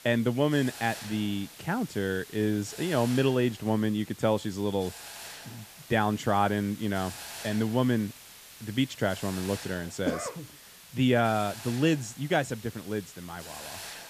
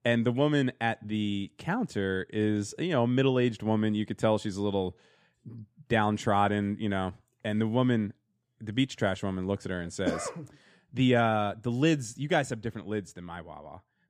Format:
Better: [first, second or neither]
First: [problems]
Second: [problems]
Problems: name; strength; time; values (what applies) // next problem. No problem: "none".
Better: second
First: hiss; noticeable; throughout; 15 dB below the speech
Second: none